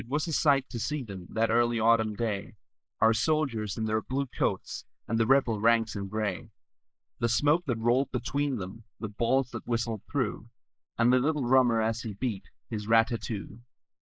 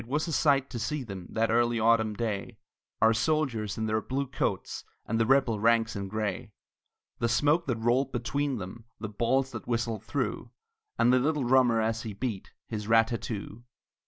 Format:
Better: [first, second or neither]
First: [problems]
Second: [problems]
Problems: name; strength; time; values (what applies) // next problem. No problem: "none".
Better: second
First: noise reduction (neural mask model Resemble Enhance denoiser)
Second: none